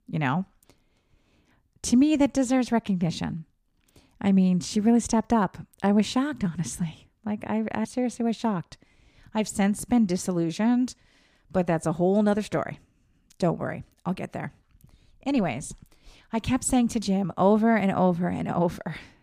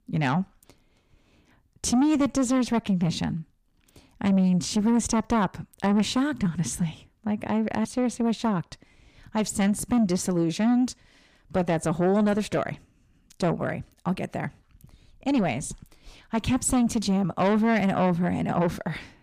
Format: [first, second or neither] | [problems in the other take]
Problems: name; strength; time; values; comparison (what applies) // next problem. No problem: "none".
first | distortion; slight; 10 dB below the speech